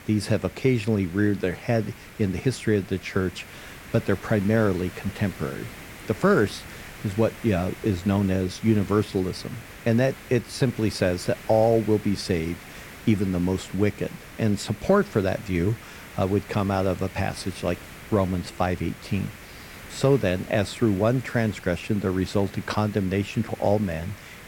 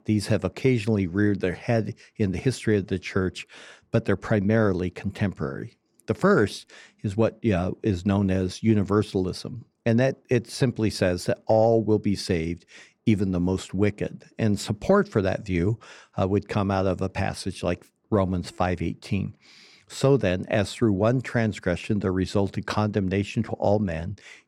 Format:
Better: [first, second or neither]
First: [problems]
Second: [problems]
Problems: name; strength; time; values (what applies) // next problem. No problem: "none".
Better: second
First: hiss; noticeable; throughout; 15 dB below the speech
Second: none